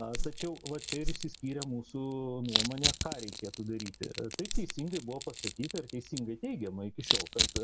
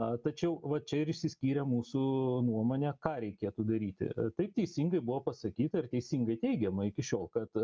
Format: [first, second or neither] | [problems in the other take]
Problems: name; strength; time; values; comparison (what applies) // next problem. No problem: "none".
second | background sound (Whoosh, swoosh, swish + Crushing); 2 dB above the speech